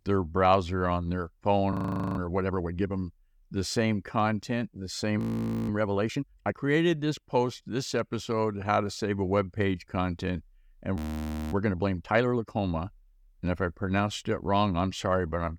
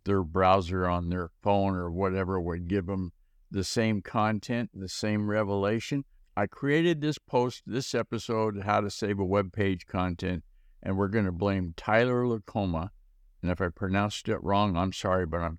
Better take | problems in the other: second | audio freezing; at 1.5 s, at 5 s for 0.5 s and at 11 s for 0.5 s

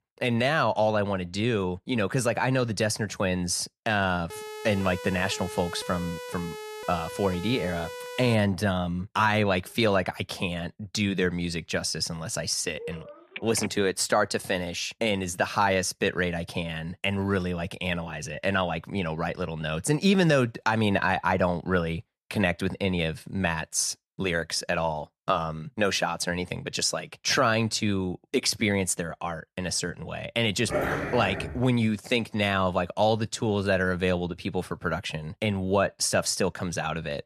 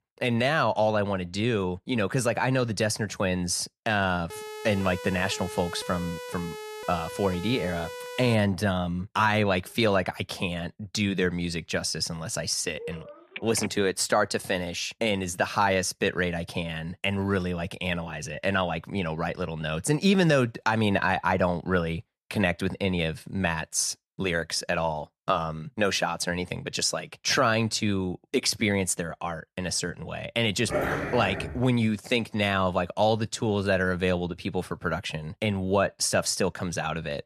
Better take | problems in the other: neither | siren; faint; from 4.5 to 8.5 s; peak 10 dB below the speech; the same in both // phone ringing; faint; at 13 s; peak 10 dB below the speech; the same in both // dog barking; noticeable; at 31 s; peak 1 dB below the speech; the same in both

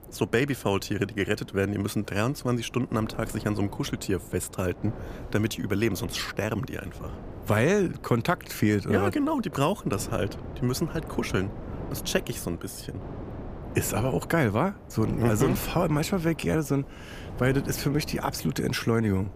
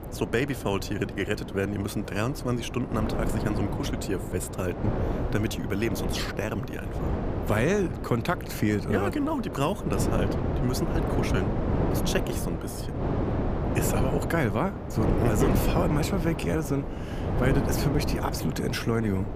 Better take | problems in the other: first | wind noise on the microphone; heavy; 4 dB below the speech; occasional gusts in the first

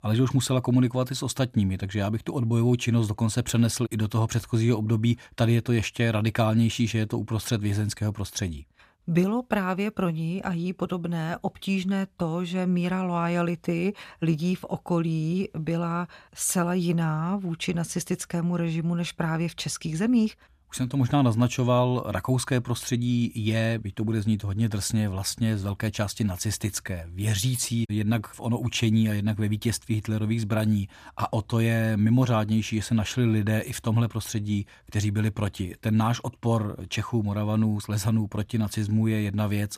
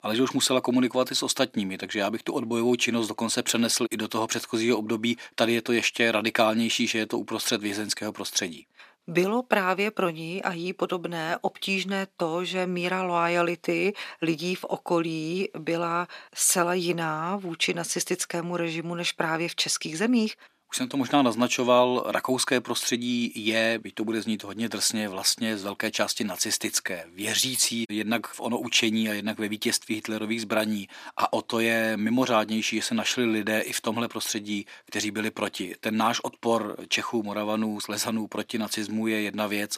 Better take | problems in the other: first | thin; somewhat; fading below 300 Hz

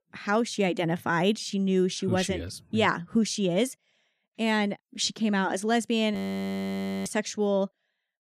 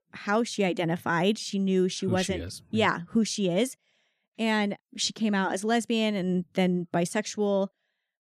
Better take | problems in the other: second | audio freezing; at 6 s for 1 s

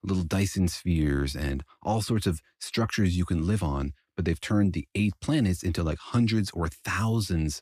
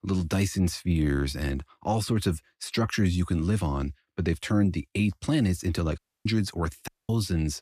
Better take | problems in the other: first | audio cutting out; at 6 s and at 7 s

